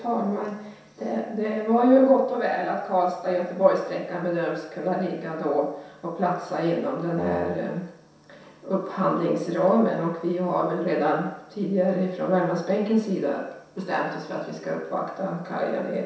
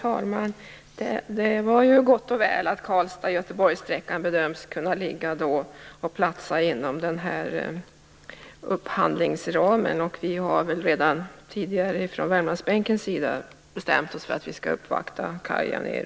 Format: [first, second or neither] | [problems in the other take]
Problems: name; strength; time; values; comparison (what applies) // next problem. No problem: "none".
second | background sound (Wind instrument, woodwind instrument); 5 dB below the speech // room echo; dies away in 0.7 s